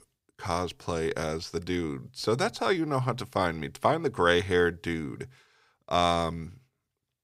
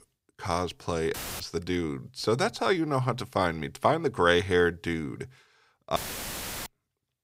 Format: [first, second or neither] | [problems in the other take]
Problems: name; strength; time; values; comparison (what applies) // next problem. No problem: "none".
first | audio cutting out; filled with static; at 1 s and at 6 s for 0.5 s